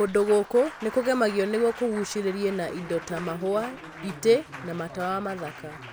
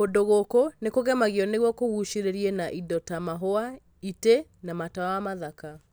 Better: second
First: background sound (Applause); 15 dB below the speech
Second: none

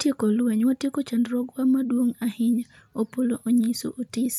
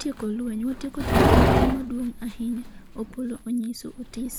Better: first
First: none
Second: background sound (Livestock, farm animals, working animals); 5 dB above the speech

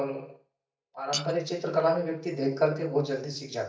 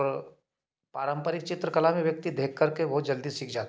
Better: second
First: noise reduction (neural mask model DeepFilterNet 3)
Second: none

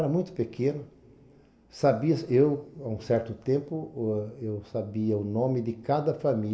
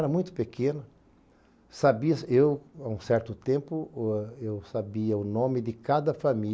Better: second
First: room echo; dies away in 2.8 s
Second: none

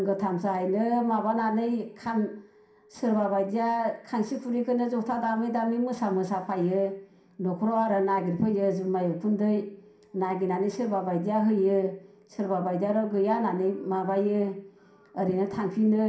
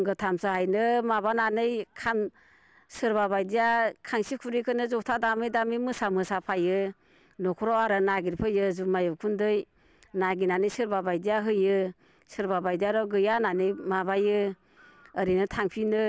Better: second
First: room echo; dies away in 0.5 s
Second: none

